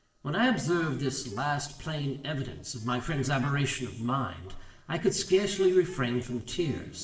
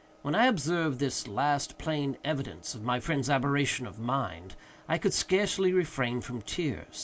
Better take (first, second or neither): second